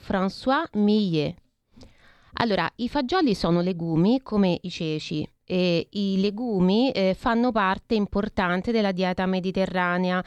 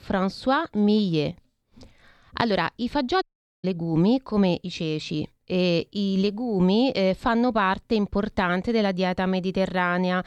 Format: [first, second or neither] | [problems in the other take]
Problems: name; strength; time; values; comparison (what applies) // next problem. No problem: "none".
first | audio cutting out; at 3 s